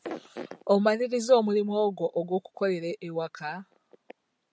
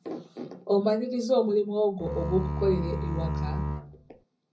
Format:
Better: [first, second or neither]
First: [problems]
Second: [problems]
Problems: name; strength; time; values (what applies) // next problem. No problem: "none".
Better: first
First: none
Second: background sound (Bowed string instrument); 3 dB below the speech // room echo; dies away in 0.4 s